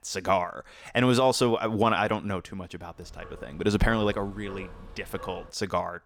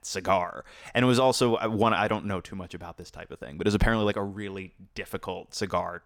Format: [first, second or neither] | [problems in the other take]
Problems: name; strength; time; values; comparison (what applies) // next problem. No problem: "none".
second | dog barking; faint; from 3 to 5.5 s; peak 15 dB below the speech